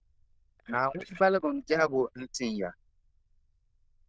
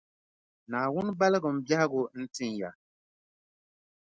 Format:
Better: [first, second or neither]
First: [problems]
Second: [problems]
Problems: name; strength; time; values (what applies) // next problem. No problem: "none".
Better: second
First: noise reduction (neural diffusion model UNIVERSE++)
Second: none